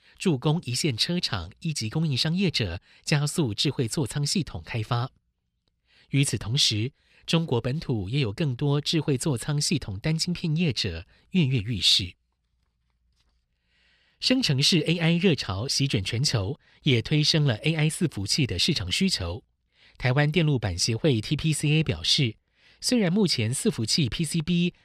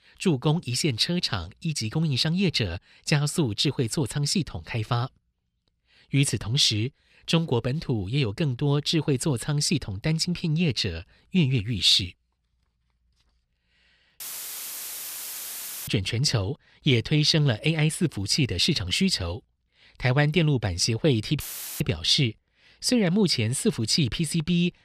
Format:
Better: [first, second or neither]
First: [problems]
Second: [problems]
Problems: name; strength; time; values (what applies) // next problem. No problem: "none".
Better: first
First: none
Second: audio cutting out; filled with static; at 14 s for 1.5 s and at 21 s